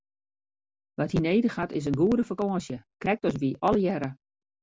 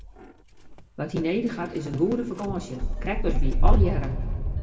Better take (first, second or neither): first